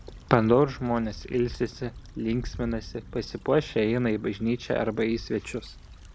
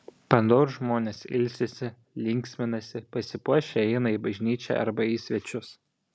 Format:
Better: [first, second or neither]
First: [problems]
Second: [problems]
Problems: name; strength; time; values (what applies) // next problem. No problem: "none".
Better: second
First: background sound (Stream / Trickle, dribble / Traffic noise, roadway noise); 16 dB below the speech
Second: none